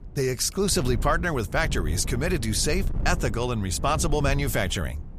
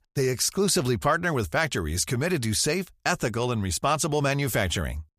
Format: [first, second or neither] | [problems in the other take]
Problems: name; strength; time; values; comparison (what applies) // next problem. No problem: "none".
second | wind noise on the microphone; occasional gusts; 20 dB below the speech